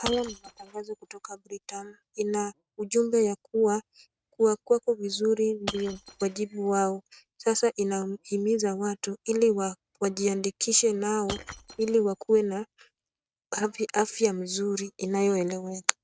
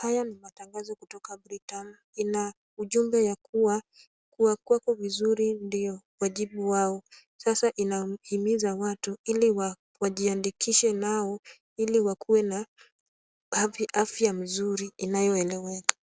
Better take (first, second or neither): second